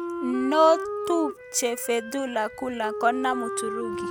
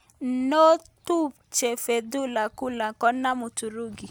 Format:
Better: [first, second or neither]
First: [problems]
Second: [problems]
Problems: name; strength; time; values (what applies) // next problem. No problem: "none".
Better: second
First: background sound (Wind instrument, woodwind instrument); 6 dB below the speech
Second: none